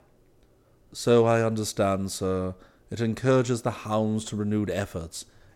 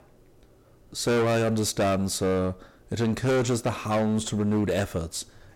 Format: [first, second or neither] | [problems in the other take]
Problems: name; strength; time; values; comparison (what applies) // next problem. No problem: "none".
first | distortion; heavy; 14% of the sound clipped